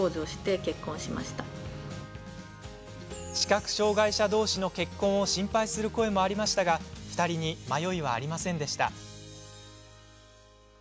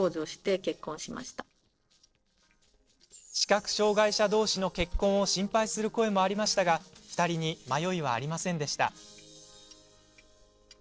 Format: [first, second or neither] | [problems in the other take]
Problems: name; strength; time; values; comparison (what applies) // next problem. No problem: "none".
first | noise reduction (neural separator model SepFormer DNS4)